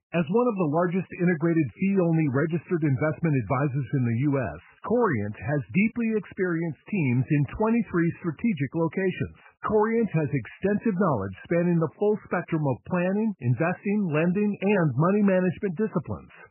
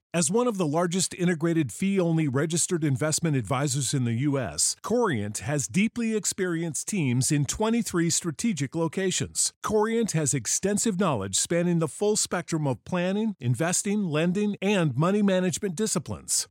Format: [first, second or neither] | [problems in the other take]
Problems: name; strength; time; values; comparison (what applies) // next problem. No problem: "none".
second | garbled, watery; badly; nothing above 2.5 kHz